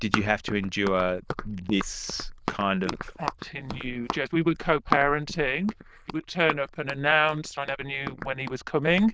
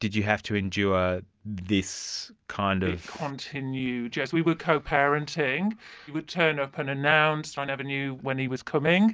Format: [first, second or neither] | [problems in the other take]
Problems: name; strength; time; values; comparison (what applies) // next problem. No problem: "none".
second | noise reduction (neural diffusion model UNIVERSE++)